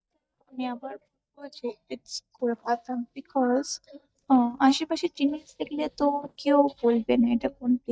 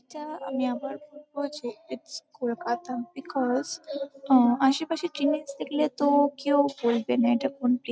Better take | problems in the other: second | noise reduction (neural mask model DeepFilterNet 3)

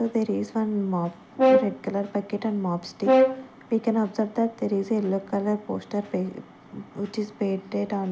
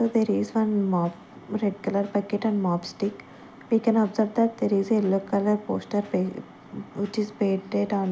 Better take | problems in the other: second | background sound (Brass instrument); 2 dB above the speech

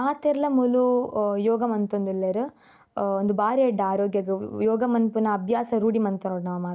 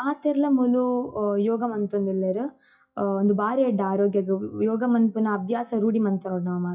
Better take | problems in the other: first | noise reduction (classical method WPE with log-MMSE)

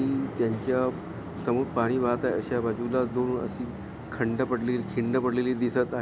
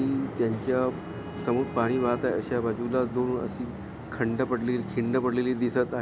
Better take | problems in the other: first | background sound (Bowed string instrument); 20 dB below the speech

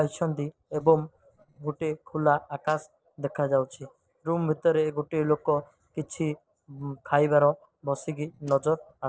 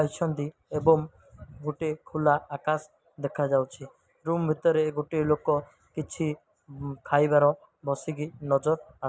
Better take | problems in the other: second | noise reduction (neural separator model SepFormer DNS4)

